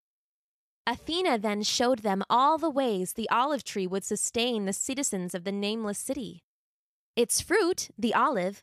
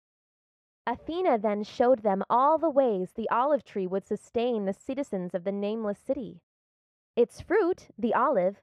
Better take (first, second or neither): first